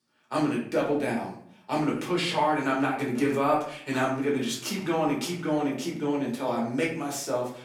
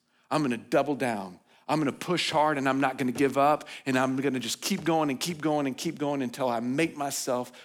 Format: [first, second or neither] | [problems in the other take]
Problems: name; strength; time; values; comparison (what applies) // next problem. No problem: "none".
second | room echo; slight; dies away in 0.5 s // off-mic speech; far